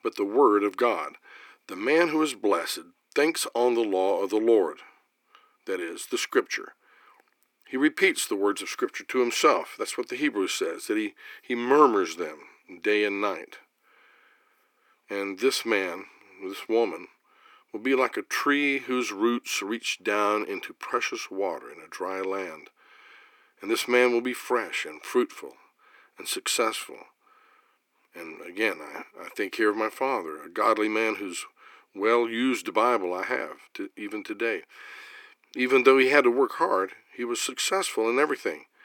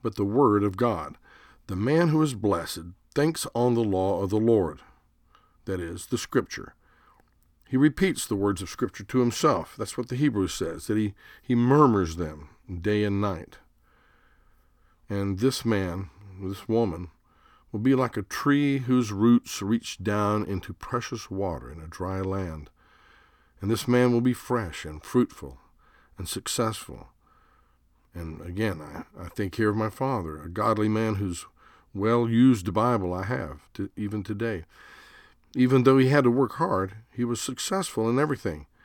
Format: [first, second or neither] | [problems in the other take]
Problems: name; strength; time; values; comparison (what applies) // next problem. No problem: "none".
second | thin; somewhat; fading below 350 Hz